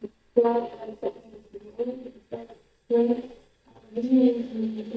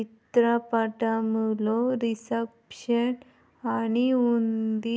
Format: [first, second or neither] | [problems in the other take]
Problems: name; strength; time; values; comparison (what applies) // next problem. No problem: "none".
second | noise reduction (neural mask model DeepFilterNet 3)